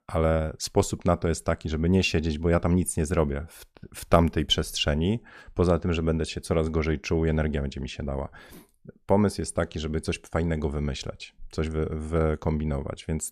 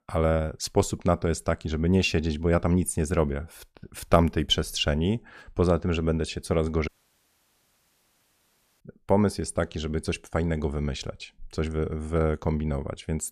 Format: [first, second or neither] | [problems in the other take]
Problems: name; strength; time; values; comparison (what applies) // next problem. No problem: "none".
first | audio cutting out; at 7 s for 2 s